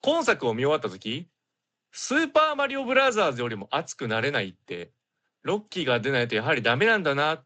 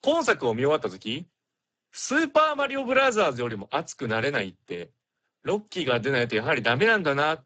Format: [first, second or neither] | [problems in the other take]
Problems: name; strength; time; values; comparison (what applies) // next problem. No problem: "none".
first | garbled, watery; badly; nothing above 7.5 kHz; slightly in the first